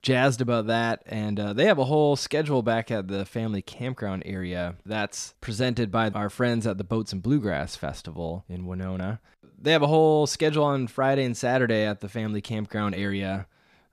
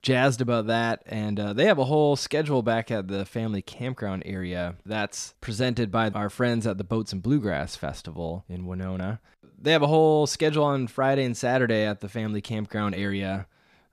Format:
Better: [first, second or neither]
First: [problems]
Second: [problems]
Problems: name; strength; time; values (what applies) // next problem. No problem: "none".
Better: neither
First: none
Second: none